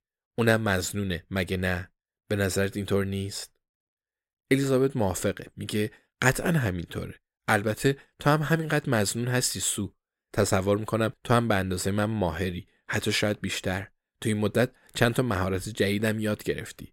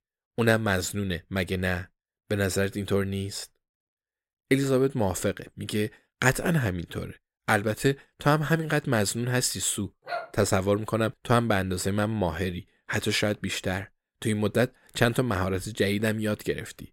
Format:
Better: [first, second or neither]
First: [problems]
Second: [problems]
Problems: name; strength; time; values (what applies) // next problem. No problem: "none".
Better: first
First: none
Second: dog barking; noticeable; at 10 s; peak 8 dB below the speech